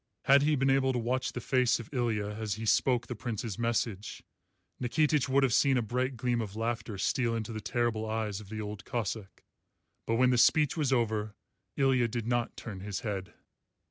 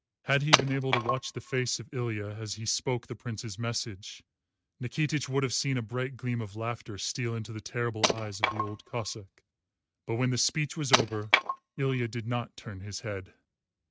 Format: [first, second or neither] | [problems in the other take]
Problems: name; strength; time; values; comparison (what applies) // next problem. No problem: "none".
first | noise reduction (neural mask model RNNoise)